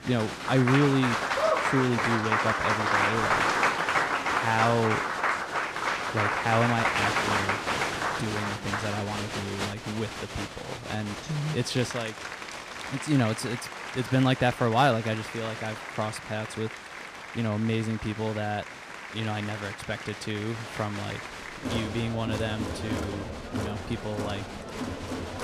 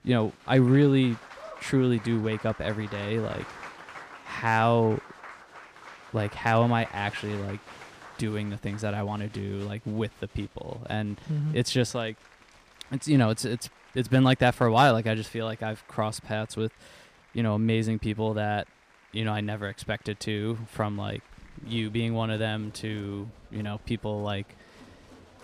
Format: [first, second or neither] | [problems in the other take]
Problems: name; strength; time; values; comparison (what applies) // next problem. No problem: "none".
second | crowd noise; loud; throughout; as loud as the speech; faint in the second